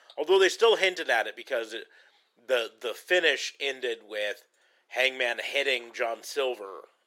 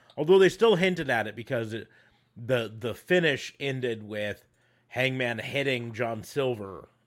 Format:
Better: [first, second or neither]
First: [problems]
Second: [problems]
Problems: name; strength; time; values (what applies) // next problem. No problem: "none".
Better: second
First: thin; very; fading below 400 Hz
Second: none